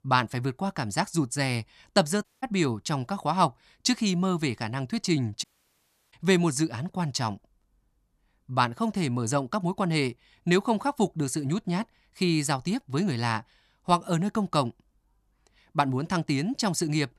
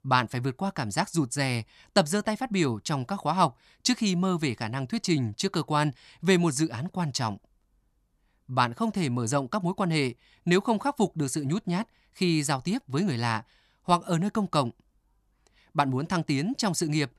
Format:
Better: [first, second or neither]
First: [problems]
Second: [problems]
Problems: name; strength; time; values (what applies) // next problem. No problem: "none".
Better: second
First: audio cutting out; at 2 s and at 5.5 s for 0.5 s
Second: none